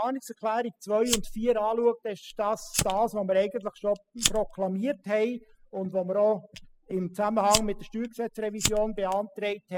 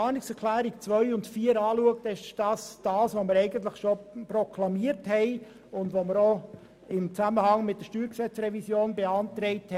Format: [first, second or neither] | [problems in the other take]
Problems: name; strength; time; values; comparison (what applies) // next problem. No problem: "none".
second | noise reduction (classical method spectral subtraction)